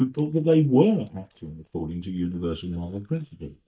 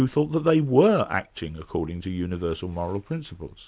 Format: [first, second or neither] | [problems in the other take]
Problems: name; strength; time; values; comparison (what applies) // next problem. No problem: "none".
second | noise reduction (neural mask model DeepFilterNet 3)